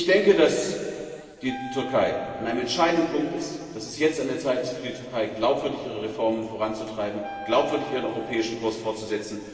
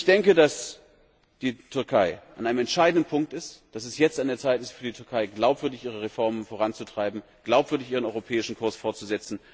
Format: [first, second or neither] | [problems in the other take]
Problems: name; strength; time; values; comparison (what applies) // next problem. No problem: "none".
second | background sound (Wind instrument, woodwind instrument); 14 dB below the speech // room echo; dies away in 2.5 s